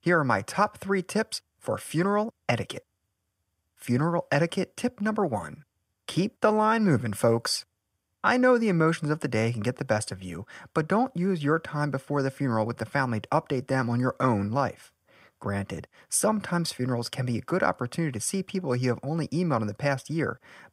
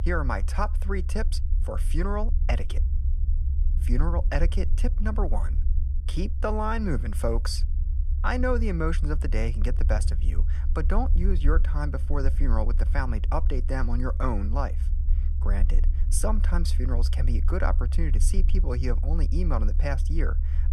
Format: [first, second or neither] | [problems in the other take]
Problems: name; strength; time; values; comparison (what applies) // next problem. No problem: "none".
first | low rumble; noticeable; throughout; 15 dB below the speech